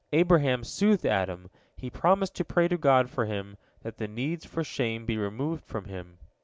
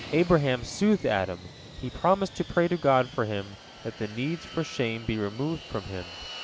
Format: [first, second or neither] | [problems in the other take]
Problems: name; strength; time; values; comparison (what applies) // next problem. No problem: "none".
first | background sound (Fixed-wing aircraft, airplane); 16 dB below the speech